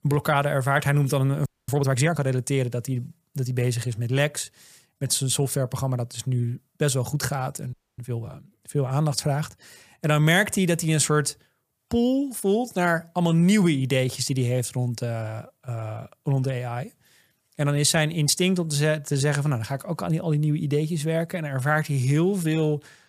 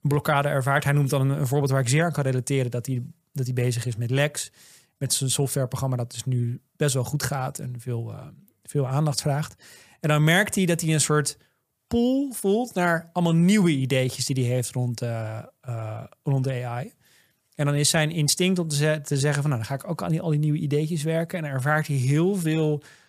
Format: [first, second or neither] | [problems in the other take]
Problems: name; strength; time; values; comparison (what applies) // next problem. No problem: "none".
second | audio freezing; at 1.5 s and at 7.5 s